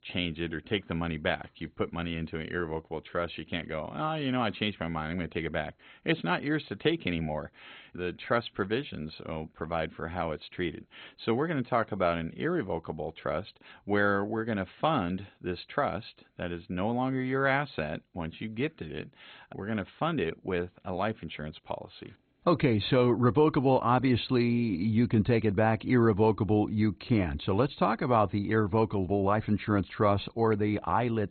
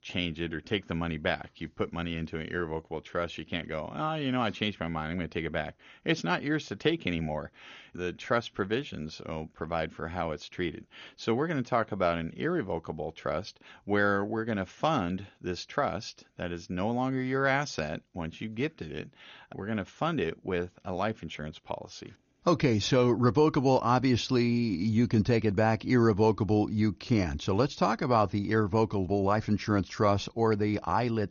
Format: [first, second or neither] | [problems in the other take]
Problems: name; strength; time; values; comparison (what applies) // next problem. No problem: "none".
second | garbled, watery; badly; nothing above 4 kHz; slightly in the second